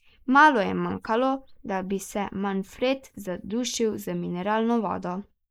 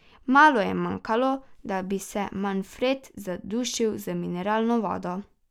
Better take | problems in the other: second | noise reduction (neural mask model Resemble Enhance denoiser)

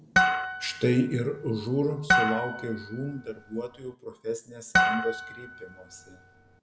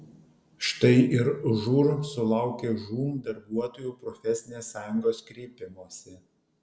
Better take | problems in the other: second | background sound (Harp); 2 dB above the speech

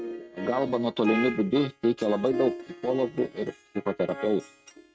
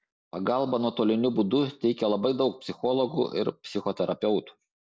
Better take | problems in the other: second | noise reduction (neural mask model RNNoise)

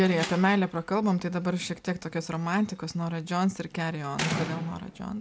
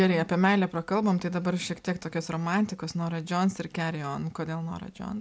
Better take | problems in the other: second | background sound (Slam); 11 dB below the speech

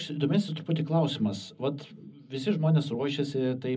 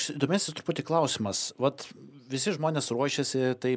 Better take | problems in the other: second | room echo; dies away in 0.4 s

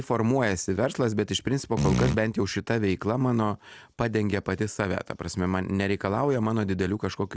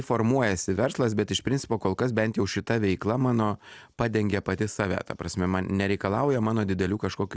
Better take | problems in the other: second | background sound (Fart); 1 dB below the speech

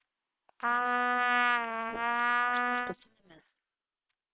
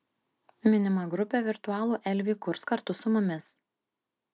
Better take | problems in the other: second | noise reduction (neural separator model SepFormer WHAM!)

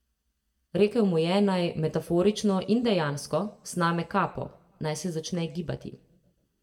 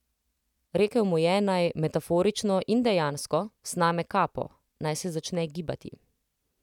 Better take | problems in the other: second | room echo; dies away in 0.5 s

